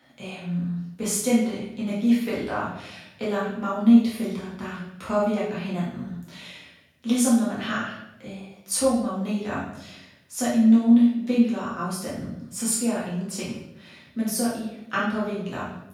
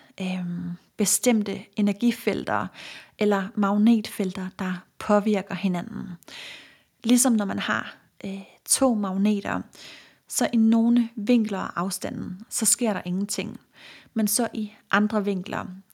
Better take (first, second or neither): second